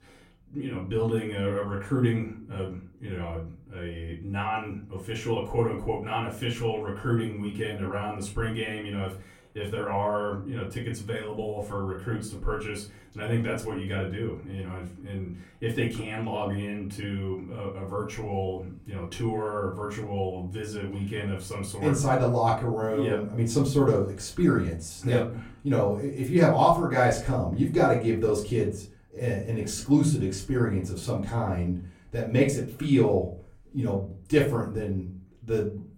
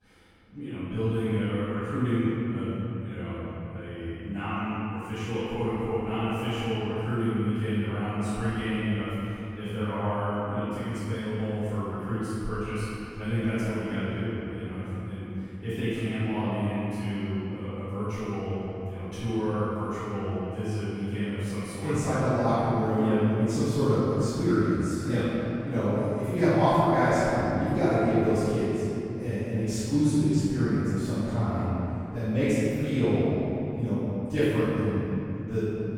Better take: first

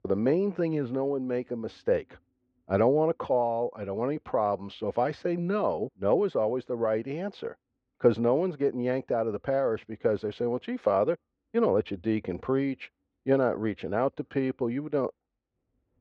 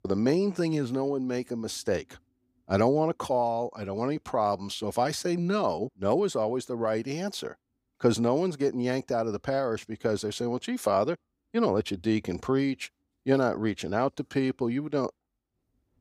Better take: second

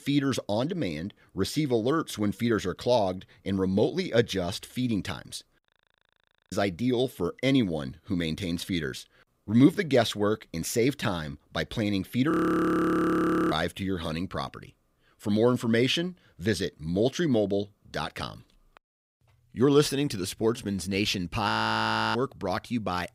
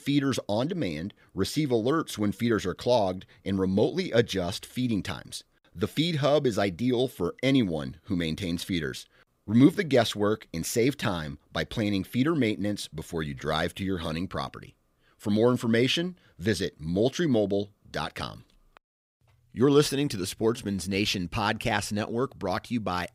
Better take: second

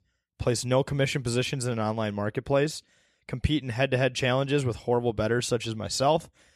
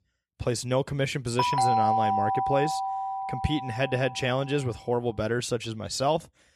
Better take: first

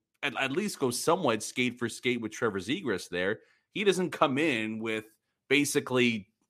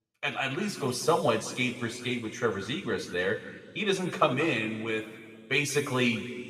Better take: first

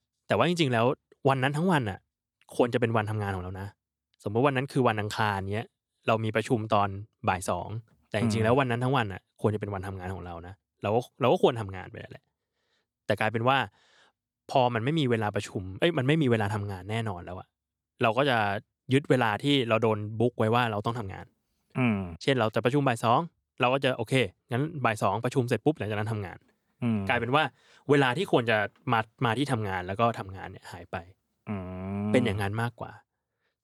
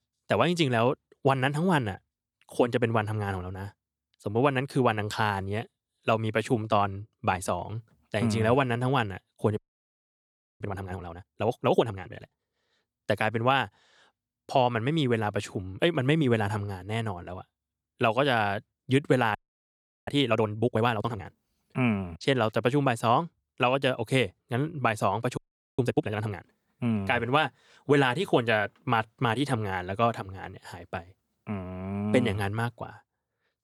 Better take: first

